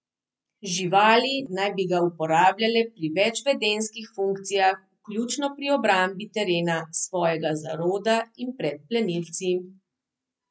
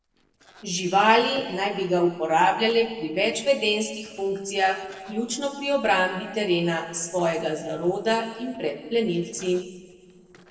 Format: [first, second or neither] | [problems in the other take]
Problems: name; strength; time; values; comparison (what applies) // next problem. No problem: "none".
first | noise reduction (neural separator model SepFormer DNS4)